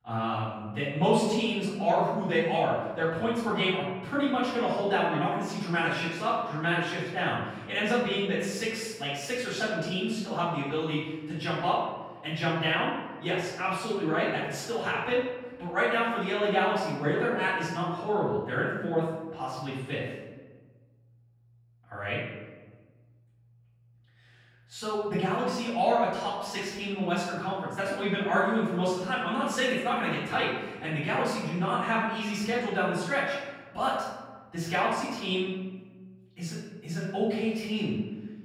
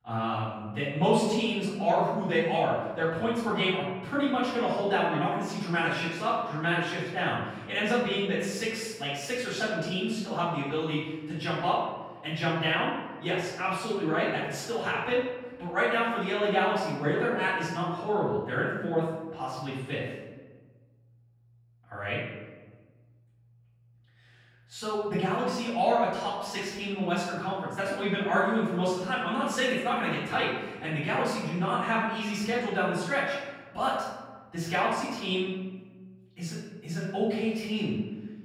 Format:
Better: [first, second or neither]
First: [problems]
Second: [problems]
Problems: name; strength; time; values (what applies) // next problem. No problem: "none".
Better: neither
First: room echo; strong; dies away in 1.1 s // off-mic speech; far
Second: room echo; strong; dies away in 1.1 s // off-mic speech; far